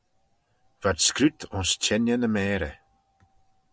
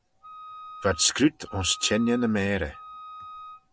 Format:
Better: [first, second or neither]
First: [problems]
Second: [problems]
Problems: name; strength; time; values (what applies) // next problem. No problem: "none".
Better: first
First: none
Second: background sound (Wind instrument, woodwind instrument); 16 dB below the speech